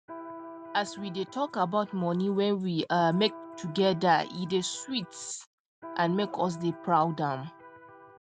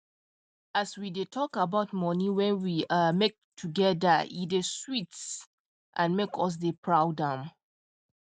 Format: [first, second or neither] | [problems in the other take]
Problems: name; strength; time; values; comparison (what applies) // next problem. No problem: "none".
second | background sound (Electric guitar); 16 dB below the speech